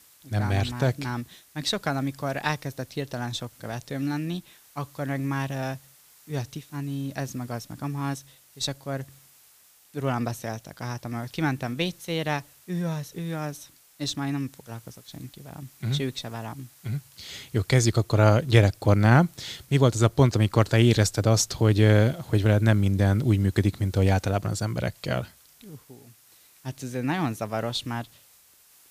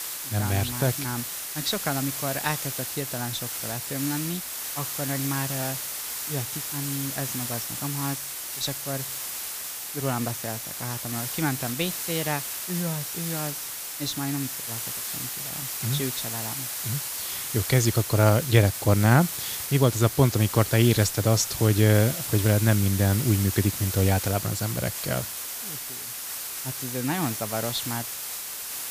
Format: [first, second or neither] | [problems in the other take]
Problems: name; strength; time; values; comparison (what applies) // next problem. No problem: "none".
first | hiss; loud; throughout; 4 dB below the speech; faint in the first